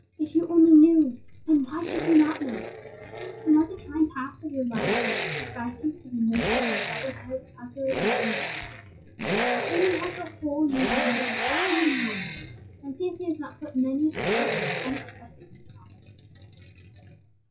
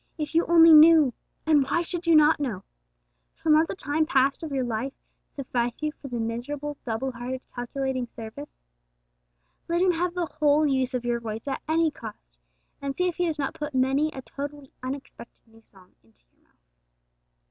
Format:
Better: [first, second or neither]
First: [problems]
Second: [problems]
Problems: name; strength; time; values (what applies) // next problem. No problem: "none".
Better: second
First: noise reduction (classical method WPE with log-MMSE)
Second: none